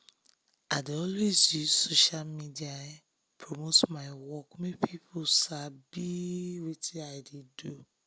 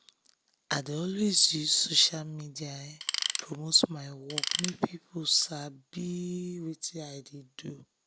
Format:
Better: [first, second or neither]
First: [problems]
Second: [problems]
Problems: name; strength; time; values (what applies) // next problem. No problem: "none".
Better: first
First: none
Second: background sound (Tools); 2 dB below the speech